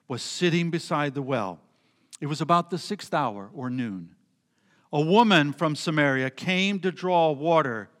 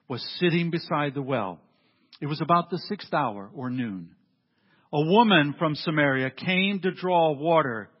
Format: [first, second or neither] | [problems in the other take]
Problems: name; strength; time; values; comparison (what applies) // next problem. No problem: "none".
first | garbled, watery; badly; nothing above 5.5 kHz